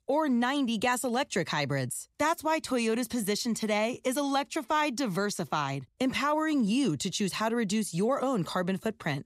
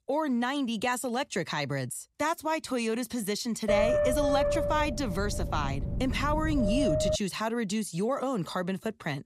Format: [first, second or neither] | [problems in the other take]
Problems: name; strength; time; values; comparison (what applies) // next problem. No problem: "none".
first | wind noise on the microphone; heavy; from 3.5 to 7 s; 3 dB above the speech